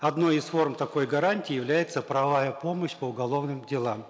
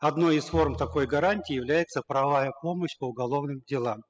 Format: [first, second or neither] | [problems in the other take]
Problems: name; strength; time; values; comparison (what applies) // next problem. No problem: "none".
first | noise reduction (classical method spectral subtraction)